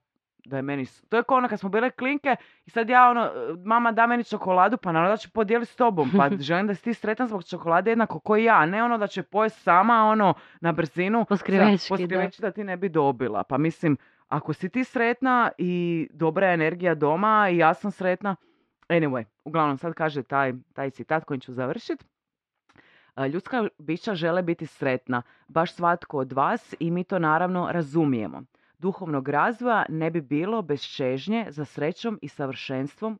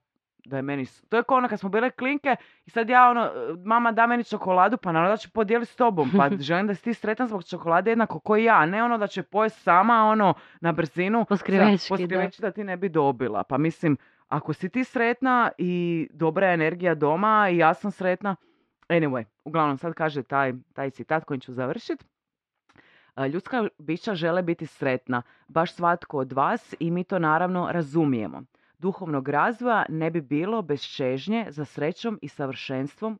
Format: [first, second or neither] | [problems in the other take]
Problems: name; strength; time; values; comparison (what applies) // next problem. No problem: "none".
neither | muffled; slightly; fading above 3 kHz; the same in both